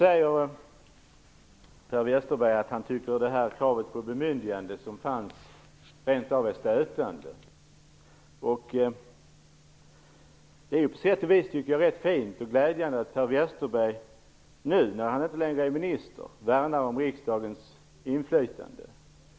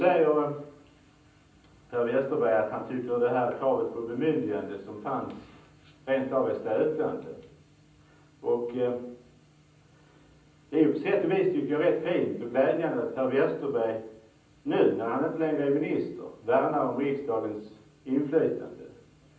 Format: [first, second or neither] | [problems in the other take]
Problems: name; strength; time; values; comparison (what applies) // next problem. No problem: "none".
first | room echo; dies away in 0.6 s